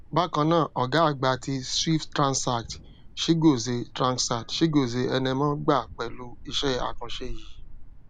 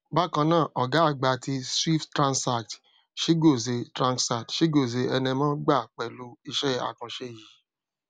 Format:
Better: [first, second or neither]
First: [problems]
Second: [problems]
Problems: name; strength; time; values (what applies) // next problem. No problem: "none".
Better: second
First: background sound (Thunder); 13 dB below the speech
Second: none